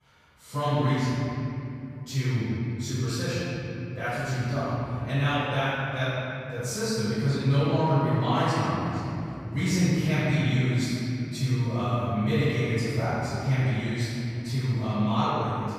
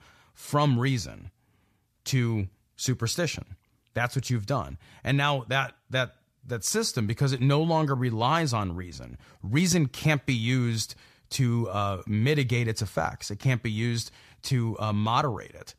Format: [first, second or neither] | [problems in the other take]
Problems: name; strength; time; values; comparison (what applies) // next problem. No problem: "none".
second | off-mic speech; far // room echo; strong; dies away in 2.9 s